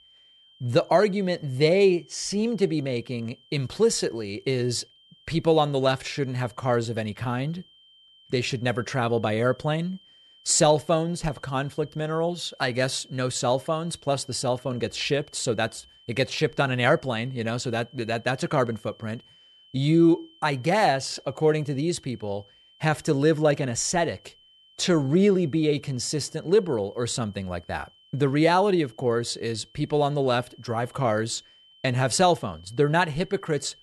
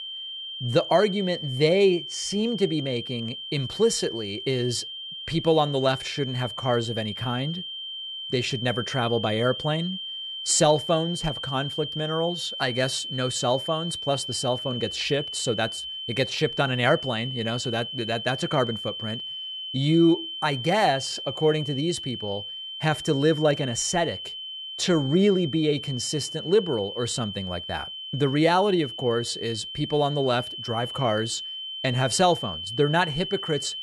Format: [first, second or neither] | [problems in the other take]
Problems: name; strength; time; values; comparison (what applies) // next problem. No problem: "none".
first | high-pitched whine; loud; throughout; 3 kHz, 7 dB below the speech; faint in the first